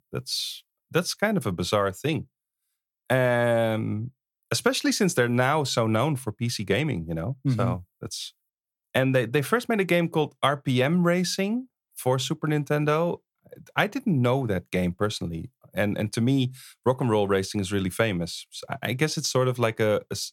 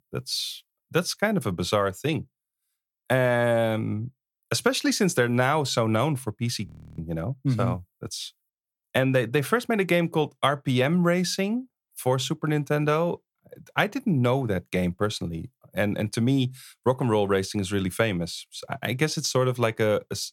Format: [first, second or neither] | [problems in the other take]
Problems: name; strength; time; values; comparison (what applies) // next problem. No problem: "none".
first | audio freezing; at 6.5 s